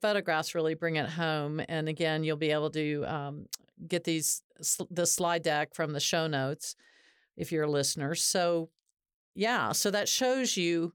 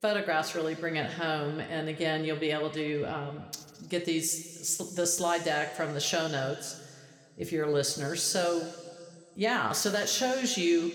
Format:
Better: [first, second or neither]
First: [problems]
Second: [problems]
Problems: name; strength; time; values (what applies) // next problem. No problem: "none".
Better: first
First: none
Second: room echo; slight; dies away in 1.6 s